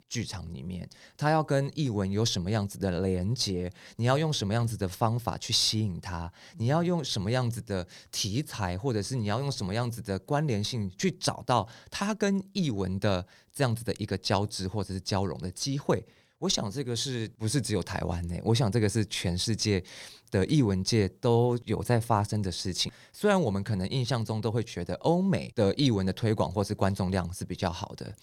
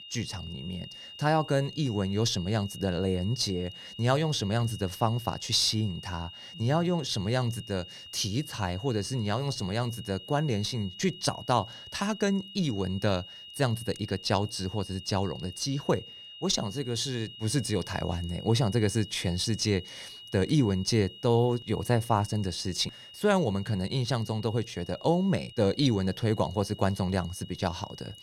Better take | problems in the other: first | high-pitched whine; noticeable; throughout; 3 kHz, 15 dB below the speech

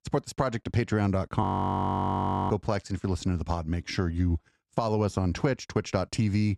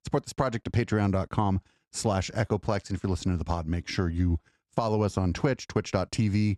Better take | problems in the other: second | audio freezing; at 1.5 s for 1 s

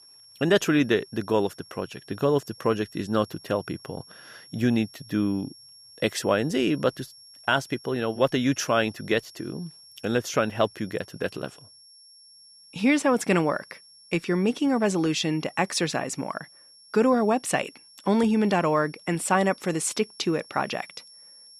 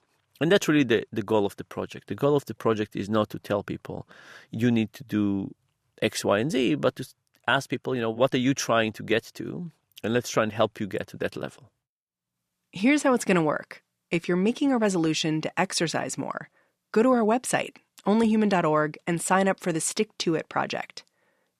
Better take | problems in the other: second | high-pitched whine; faint; throughout; 5.5 kHz, 25 dB below the speech

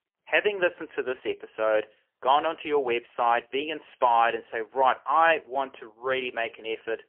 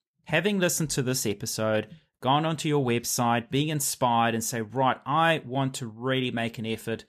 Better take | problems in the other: second | phone-call audio; poor line; nothing above 3 kHz

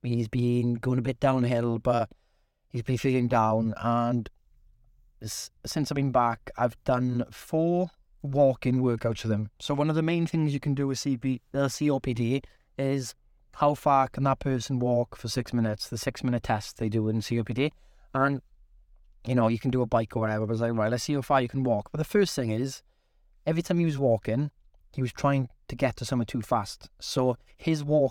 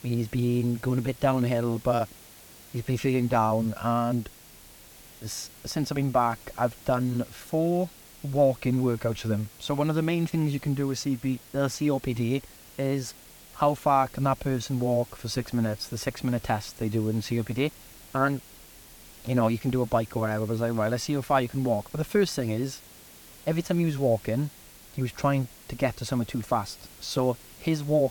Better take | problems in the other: first | hiss; noticeable; throughout; 20 dB below the speech

